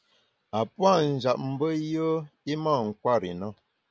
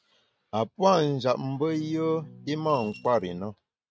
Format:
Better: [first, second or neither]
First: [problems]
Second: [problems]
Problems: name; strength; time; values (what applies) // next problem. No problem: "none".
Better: first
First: none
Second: noise reduction (neural mask model RNNoise)